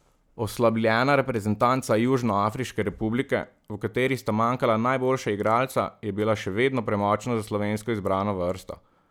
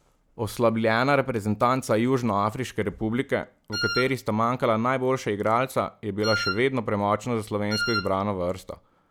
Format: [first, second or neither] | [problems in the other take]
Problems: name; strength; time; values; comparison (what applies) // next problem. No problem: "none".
first | background sound (Wind instrument, woodwind instrument); 5 dB below the speech